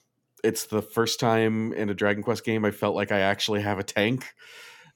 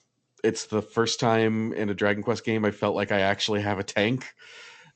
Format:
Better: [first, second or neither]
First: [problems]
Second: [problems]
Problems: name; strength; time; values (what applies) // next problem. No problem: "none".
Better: first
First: none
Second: garbled, watery; slightly; nothing above 8 kHz